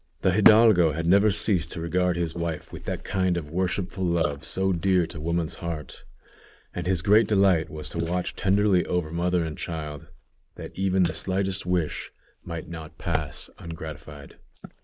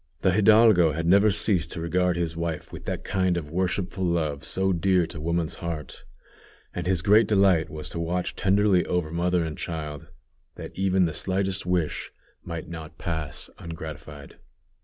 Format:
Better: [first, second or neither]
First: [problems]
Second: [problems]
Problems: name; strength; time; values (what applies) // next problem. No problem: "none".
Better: second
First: noise reduction (neural mask model Resemble Enhance denoiser)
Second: none